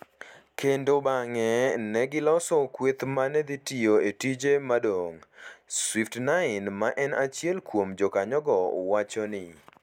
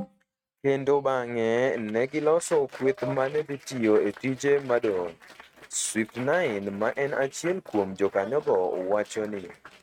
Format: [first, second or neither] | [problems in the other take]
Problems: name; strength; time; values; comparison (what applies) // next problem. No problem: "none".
first | noise reduction (neural mask model RNNoise)